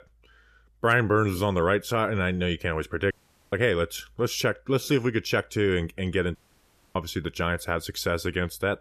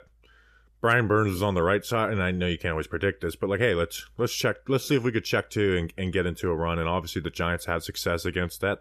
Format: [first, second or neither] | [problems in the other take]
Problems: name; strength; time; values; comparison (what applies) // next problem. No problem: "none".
second | audio cutting out; at 3 s and at 6.5 s for 0.5 s